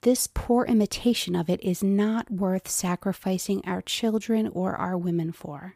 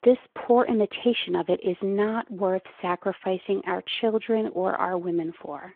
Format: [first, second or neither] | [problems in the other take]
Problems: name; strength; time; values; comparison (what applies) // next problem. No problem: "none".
first | phone-call audio; nothing above 3.5 kHz